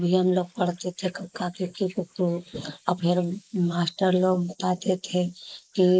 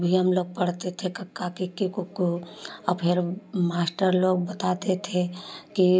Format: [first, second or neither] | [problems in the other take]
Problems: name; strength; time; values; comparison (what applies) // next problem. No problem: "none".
second | noise reduction (neural mask model Resemble Enhance denoiser)